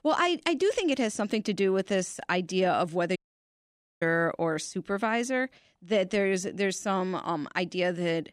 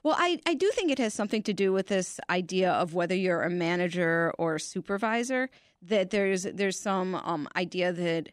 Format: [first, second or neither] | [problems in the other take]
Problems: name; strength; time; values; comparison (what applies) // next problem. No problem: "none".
second | audio cutting out; at 3 s for 1 s